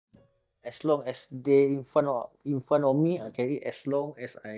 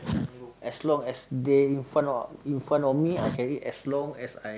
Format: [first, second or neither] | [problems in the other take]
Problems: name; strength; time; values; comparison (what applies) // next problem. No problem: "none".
second | noise reduction (neural mask model DeepFilterNet 3)